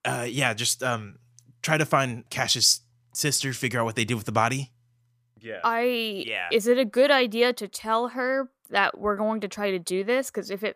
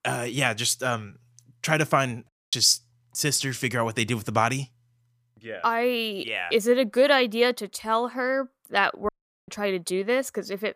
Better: first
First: none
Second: audio cutting out; at 2.5 s and at 9 s

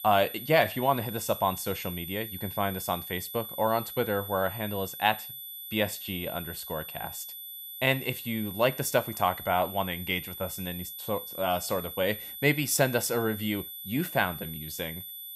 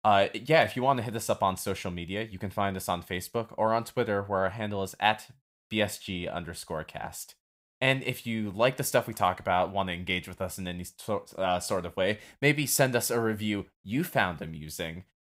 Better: second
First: high-pitched whine; loud; throughout; 12 kHz, 9 dB below the speech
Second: none

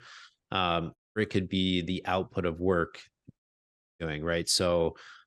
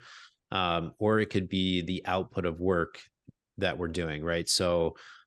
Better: second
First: audio cutting out; at 1 s and at 3.5 s for 0.5 s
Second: none

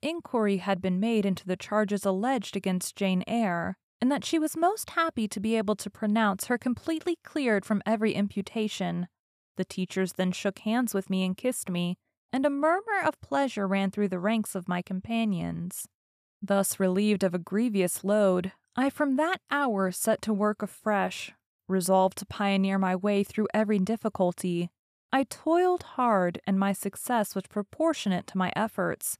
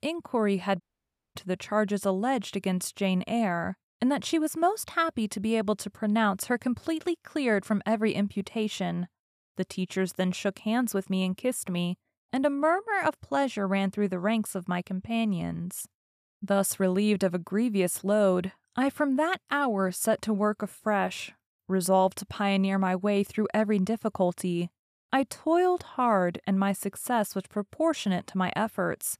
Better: first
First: none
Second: audio cutting out; at 1 s for 0.5 s

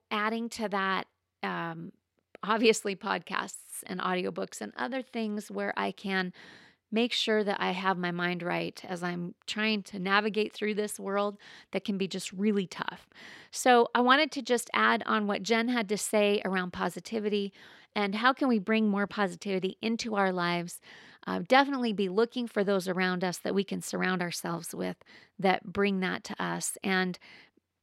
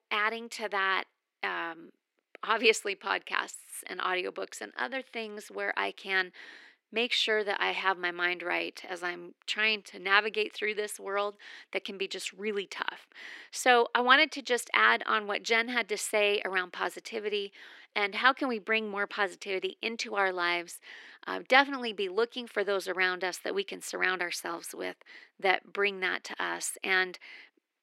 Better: first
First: none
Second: thin; somewhat; fading below 300 Hz

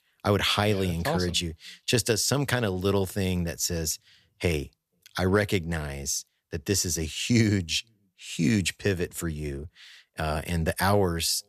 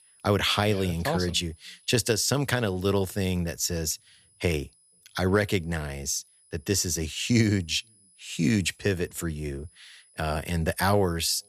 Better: first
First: none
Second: high-pitched whine; faint; throughout; 10 kHz, 30 dB below the speech

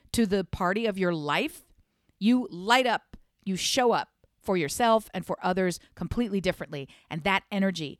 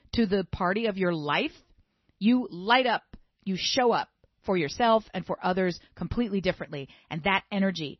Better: first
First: none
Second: garbled, watery; slightly; nothing above 6 kHz

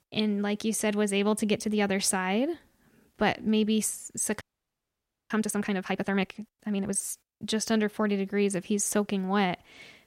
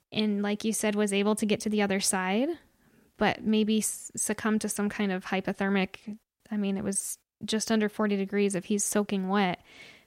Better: second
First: audio freezing; at 4.5 s for 1 s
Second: none

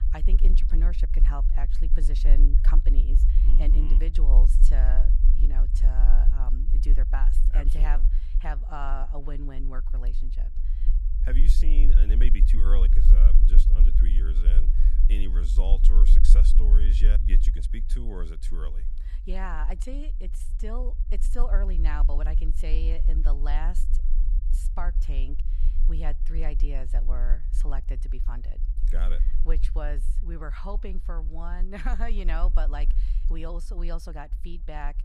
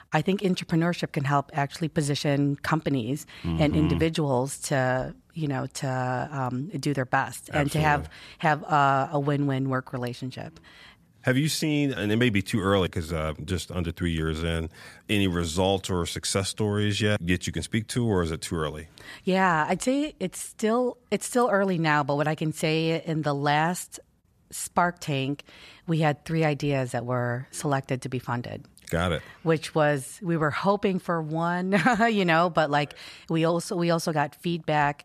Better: second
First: low rumble; loud; throughout; 9 dB below the speech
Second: none

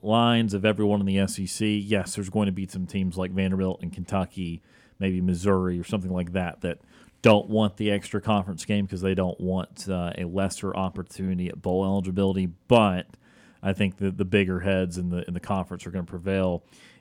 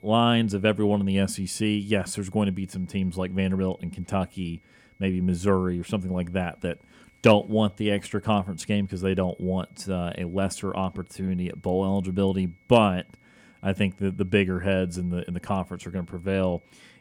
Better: first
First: none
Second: high-pitched whine; faint; throughout; 2 kHz, 35 dB below the speech

